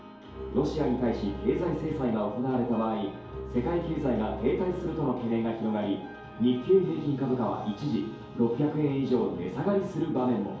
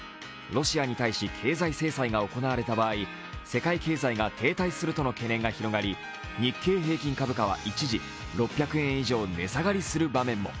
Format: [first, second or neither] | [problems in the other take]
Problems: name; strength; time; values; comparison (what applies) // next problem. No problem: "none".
second | background sound (Bowed string instrument); 12 dB below the speech // room echo; dies away in 2.4 s